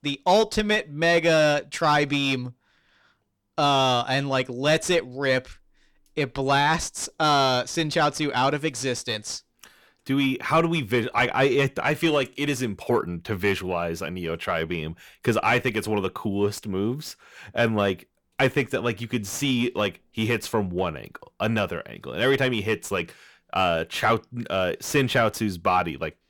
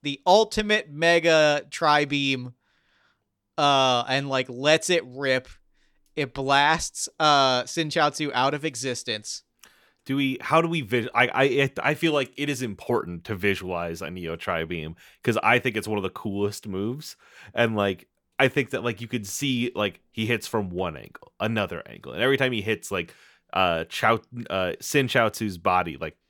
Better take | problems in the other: second | distortion; slight; 10 dB below the speech

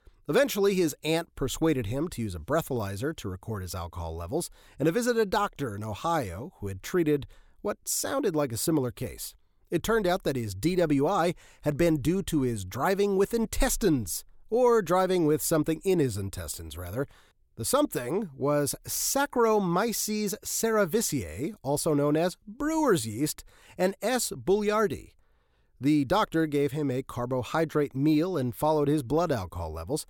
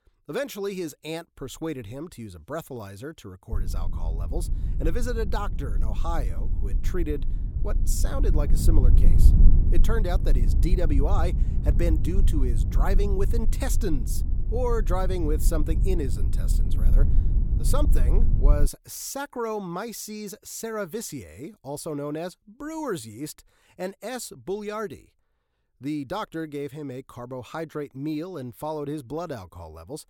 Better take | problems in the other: first | low rumble; loud; from 3.5 to 19 s; 10 dB below the speech

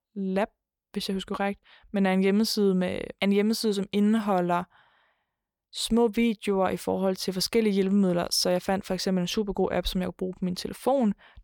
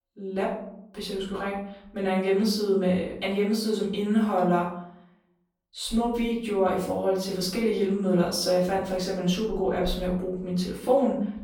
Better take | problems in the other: first | off-mic speech; far // room echo; noticeable; dies away in 0.6 s

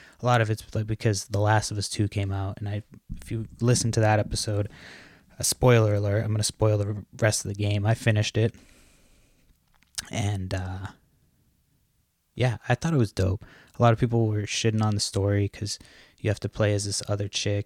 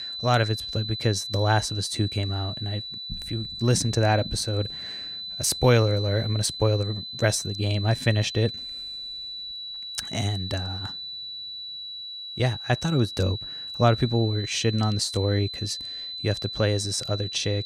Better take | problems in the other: first | high-pitched whine; loud; throughout; 4 kHz, 7 dB below the speech

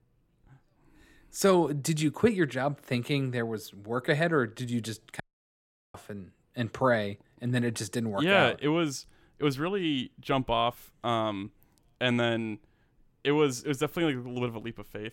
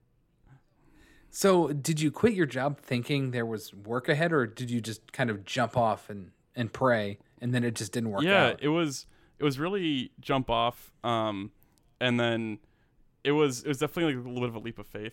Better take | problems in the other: second | audio cutting out; at 5 s for 0.5 s

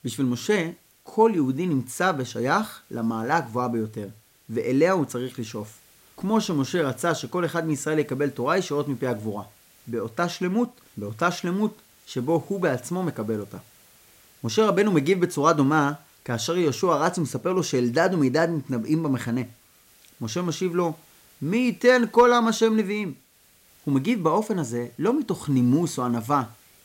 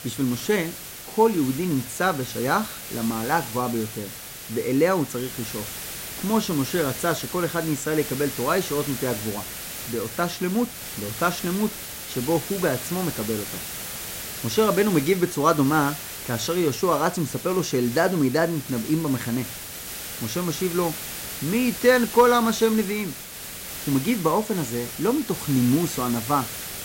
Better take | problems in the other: first | hiss; loud; throughout; 8 dB below the speech; faint in the first

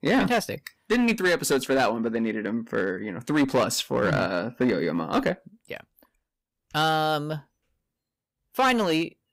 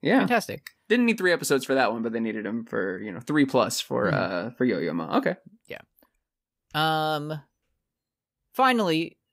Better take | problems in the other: second | distortion; slight; 6% of the sound clipped

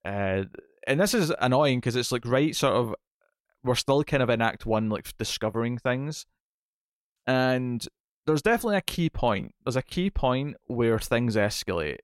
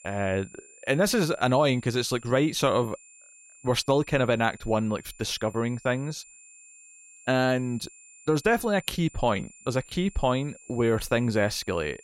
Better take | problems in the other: first | high-pitched whine; faint; throughout; 7.5 kHz, 25 dB below the speech

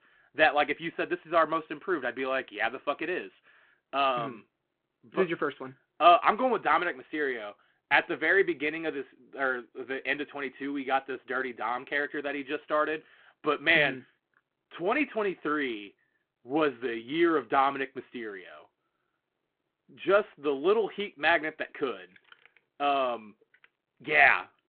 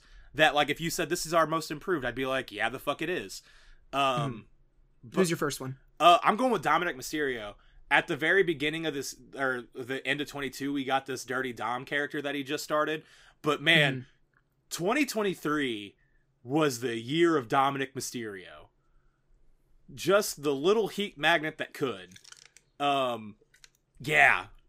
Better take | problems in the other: second | phone-call audio

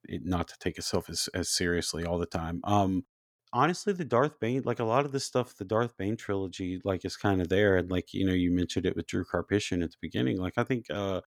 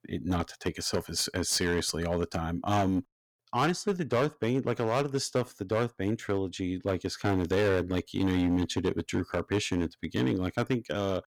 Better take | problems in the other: first | distortion; slight; 6% of the sound clipped

